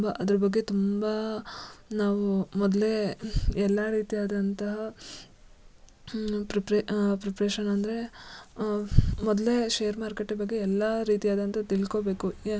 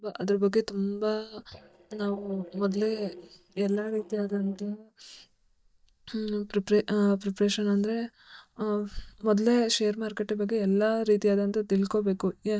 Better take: first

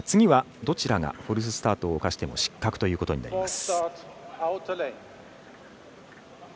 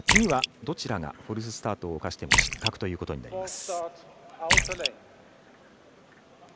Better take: first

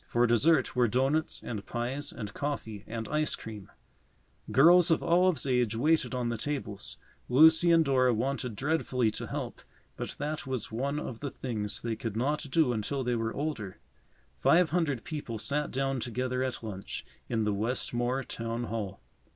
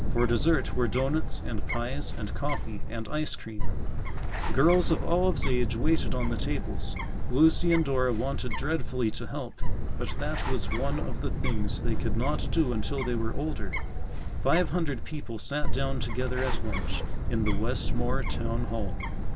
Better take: first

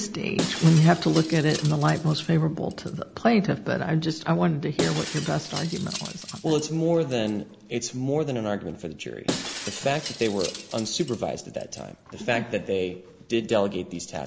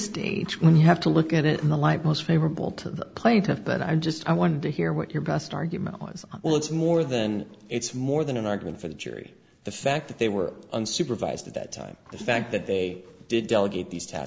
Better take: second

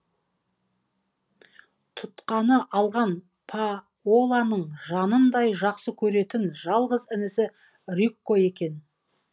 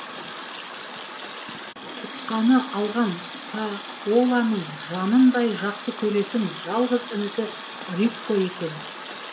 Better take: first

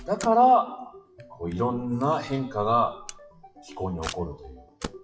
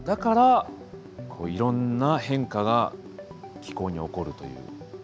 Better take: second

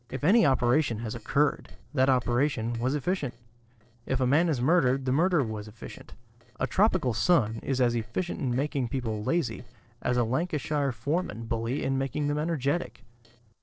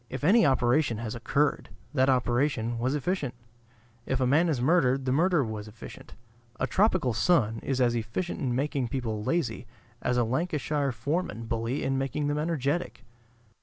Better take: second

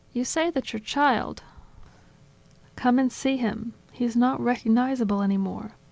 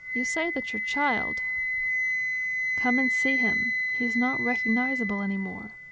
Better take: first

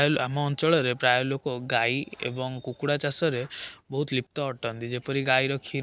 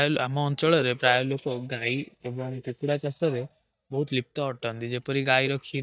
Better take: first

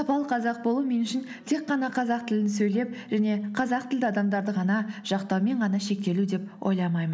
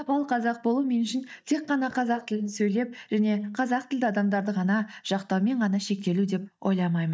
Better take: first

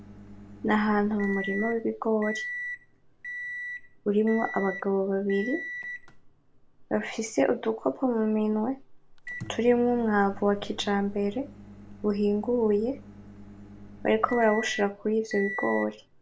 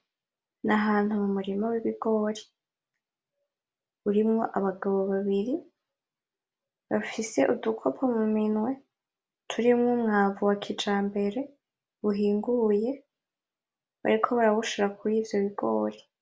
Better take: second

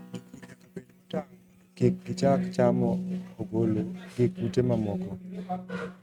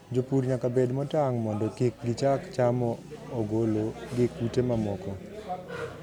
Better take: second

